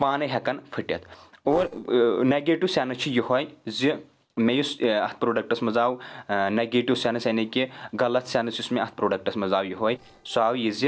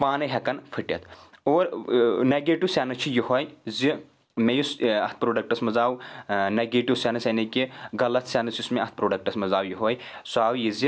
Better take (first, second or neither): second